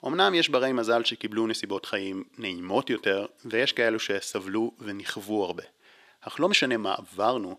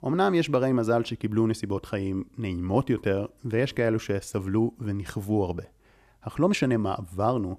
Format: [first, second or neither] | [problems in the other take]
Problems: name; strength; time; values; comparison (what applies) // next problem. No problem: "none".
second | thin; somewhat; fading below 300 Hz